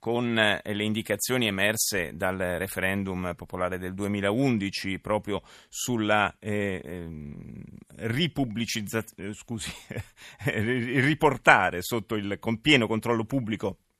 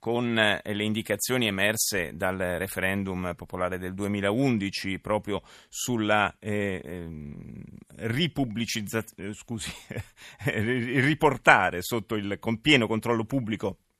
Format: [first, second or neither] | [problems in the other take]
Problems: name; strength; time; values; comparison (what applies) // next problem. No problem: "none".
neither | none